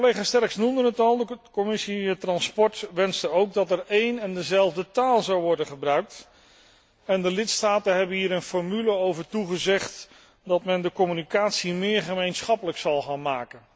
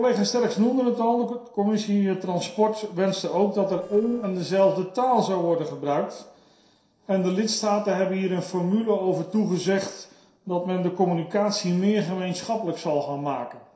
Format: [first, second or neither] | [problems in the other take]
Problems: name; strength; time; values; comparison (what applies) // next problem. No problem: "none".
first | noise reduction (neural separator model SepFormer DNS4)